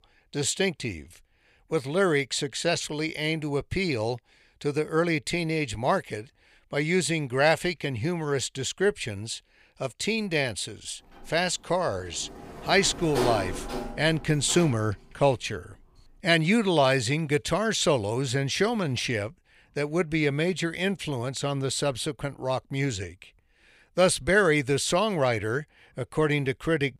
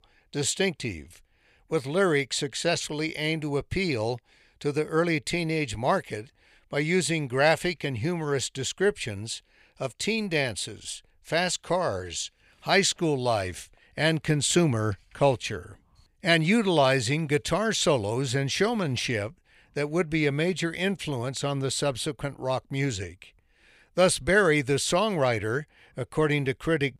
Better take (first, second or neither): second